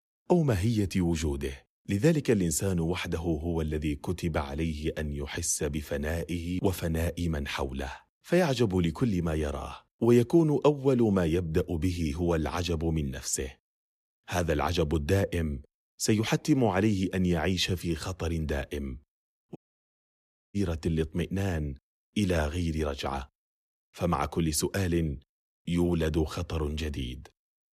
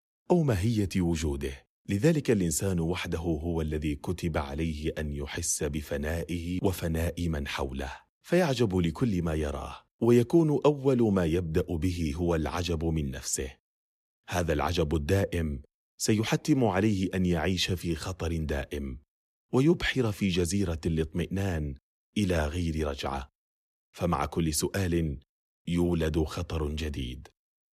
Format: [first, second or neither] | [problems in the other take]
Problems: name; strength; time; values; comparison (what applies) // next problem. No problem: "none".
second | audio cutting out; at 20 s for 1 s